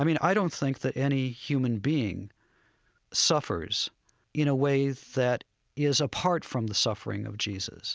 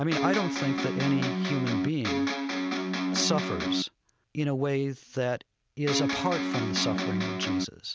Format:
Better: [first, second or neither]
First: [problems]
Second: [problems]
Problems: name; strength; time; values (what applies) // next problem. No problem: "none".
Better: first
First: none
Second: background sound (Electric guitar); 2 dB above the speech